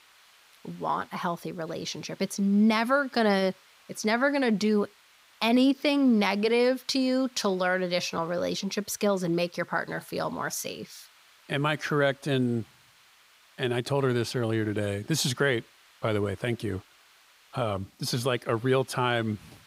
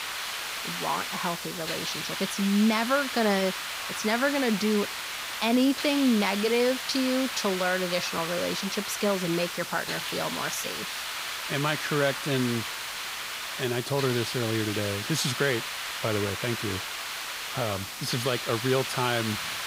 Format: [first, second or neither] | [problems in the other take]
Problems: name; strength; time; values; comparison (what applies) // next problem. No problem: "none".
first | hiss; loud; throughout; 4 dB below the speech; faint in the first